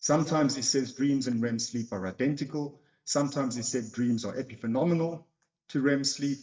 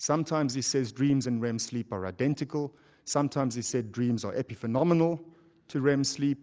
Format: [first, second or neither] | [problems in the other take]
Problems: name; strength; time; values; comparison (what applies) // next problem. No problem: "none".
second | noise reduction (neural mask model DeepFilterNet 3)